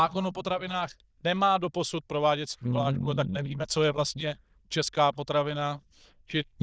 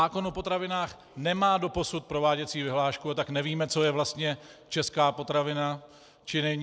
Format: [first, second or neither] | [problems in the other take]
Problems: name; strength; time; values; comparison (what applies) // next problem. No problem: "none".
second | noise reduction (neural diffusion model UNIVERSE++)